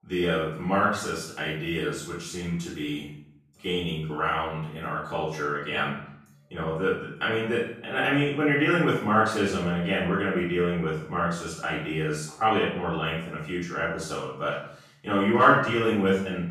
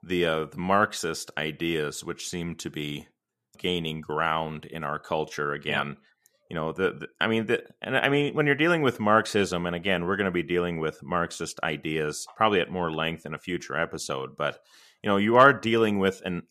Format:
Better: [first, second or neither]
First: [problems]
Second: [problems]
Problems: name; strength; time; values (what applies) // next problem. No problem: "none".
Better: second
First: off-mic speech; far // room echo; noticeable; dies away in 0.6 s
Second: none